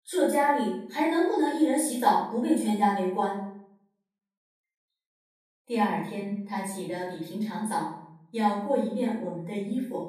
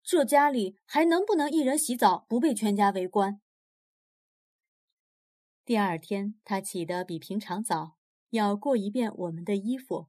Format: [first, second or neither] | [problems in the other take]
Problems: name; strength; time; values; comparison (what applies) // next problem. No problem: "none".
second | off-mic speech; far // room echo; noticeable; dies away in 0.6 s